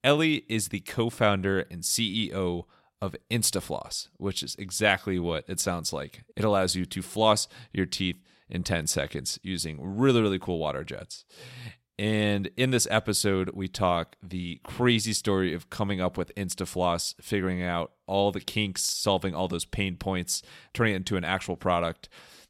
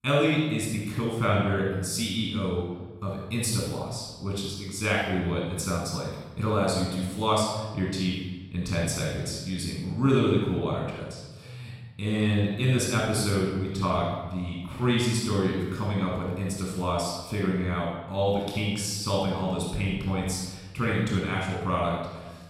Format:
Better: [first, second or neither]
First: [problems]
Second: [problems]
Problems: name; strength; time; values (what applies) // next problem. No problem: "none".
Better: first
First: none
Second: off-mic speech; far // room echo; strong; dies away in 1.2 s